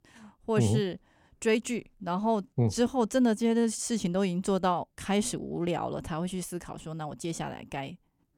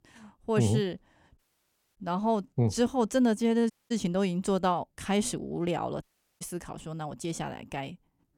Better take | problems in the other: first | audio cutting out; at 1.5 s for 0.5 s, at 3.5 s and at 6 s

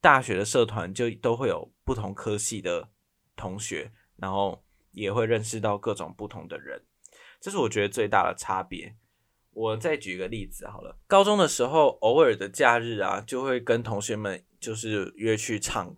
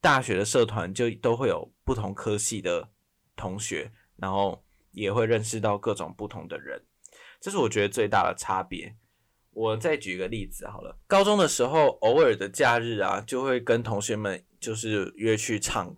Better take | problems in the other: first | distortion; slight; 10 dB below the speech

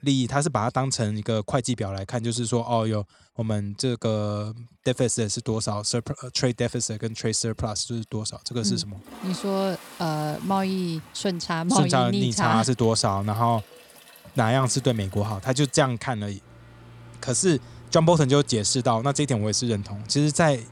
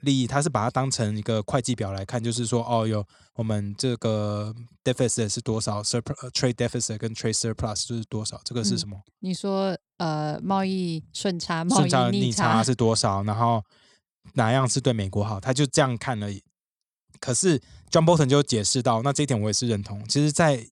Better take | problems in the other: second | household noises; faint; throughout; 20 dB below the speech

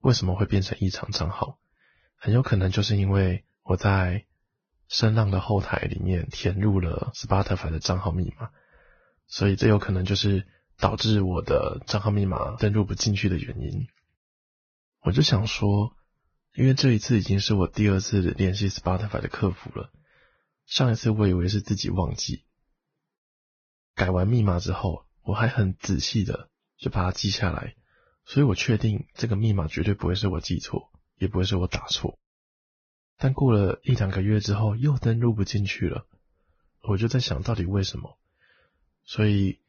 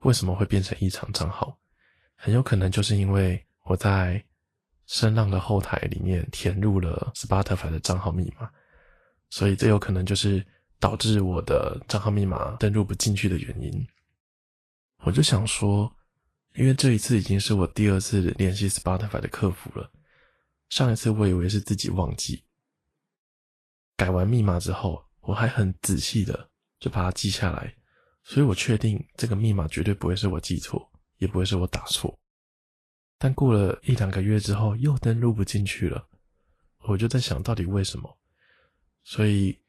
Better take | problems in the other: second | garbled, watery; badly; nothing above 6.5 kHz; slightly in the second

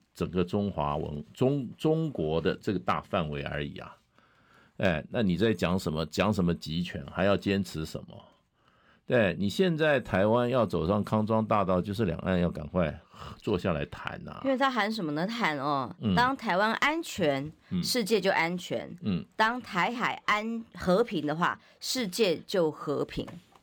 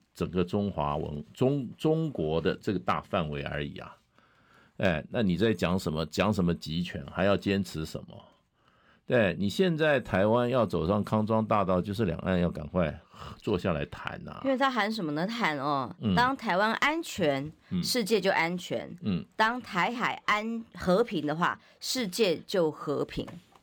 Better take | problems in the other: neither | none

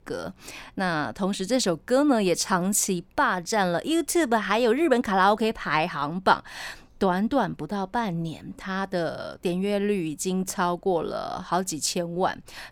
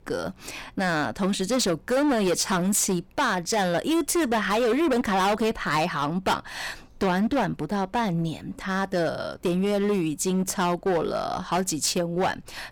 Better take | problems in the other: first | distortion; heavy; 14% of the sound clipped

